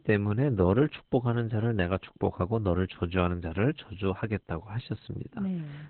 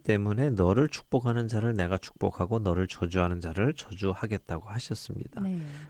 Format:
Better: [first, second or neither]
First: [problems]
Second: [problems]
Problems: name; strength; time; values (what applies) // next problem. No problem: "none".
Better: second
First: garbled, watery; badly; nothing above 4 kHz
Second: garbled, watery; slightly; nothing above 19 kHz